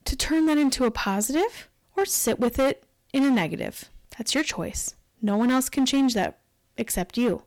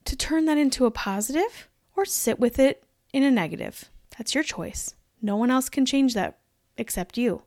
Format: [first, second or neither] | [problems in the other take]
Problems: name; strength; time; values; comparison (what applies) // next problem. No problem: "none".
second | distortion; slight; 10% of the sound clipped